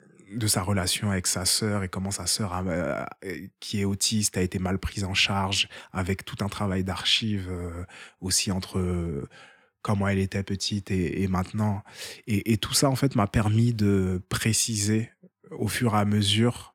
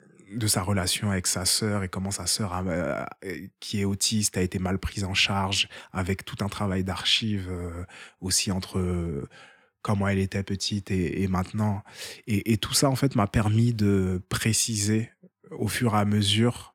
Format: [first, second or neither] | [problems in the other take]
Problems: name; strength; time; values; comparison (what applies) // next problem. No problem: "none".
neither | none